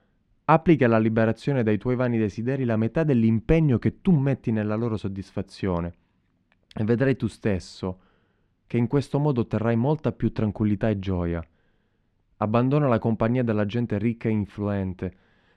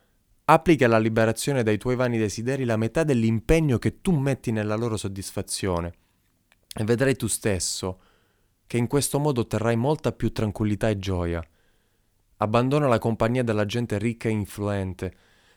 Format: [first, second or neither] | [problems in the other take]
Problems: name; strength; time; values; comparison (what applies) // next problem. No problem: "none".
second | muffled; slightly; fading above 3 kHz